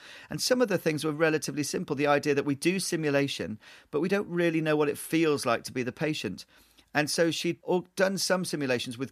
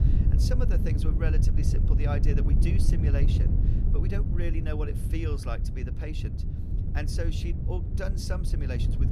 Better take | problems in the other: first | wind noise on the microphone; heavy; 3 dB below the speech

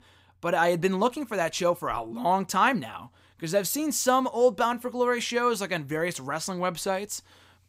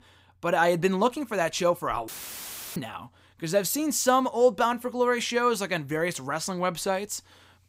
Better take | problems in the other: first | audio cutting out; filled with static; at 2 s for 0.5 s

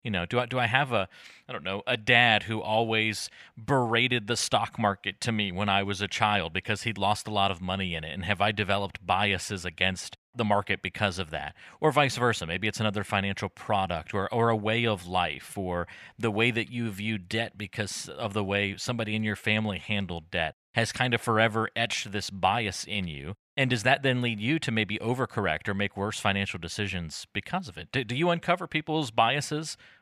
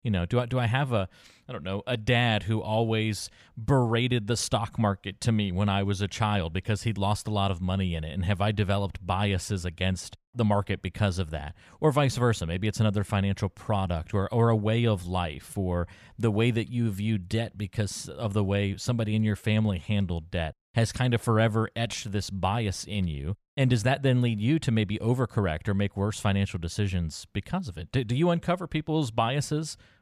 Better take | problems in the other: second | thin; somewhat; fading below 400 Hz

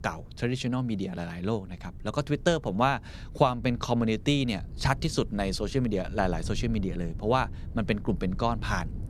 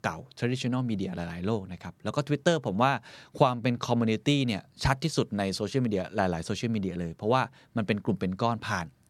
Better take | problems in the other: second | wind noise on the microphone; occasional gusts; 25 dB below the speech

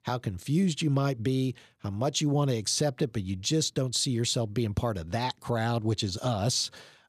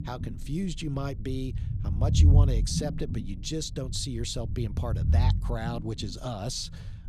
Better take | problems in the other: first | low rumble; loud; throughout; 7 dB below the speech

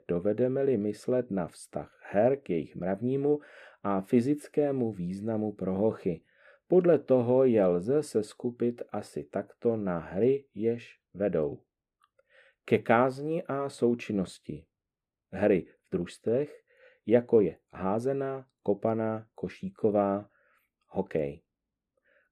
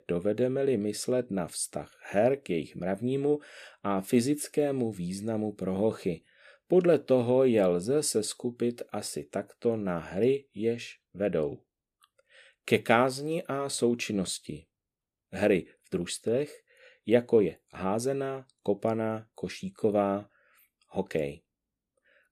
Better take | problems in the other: second | muffled; slightly; fading above 2.5 kHz

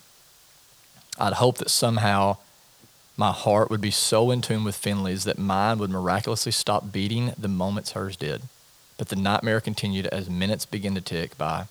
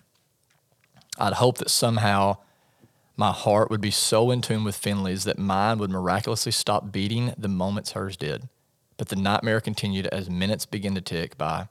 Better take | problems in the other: second | hiss; faint; throughout; 30 dB below the speech

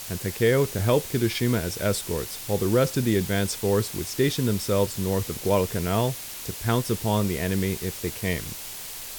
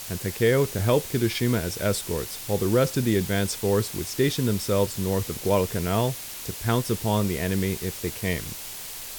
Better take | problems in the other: neither | hiss; loud; throughout; 8 dB below the speech; the same in both

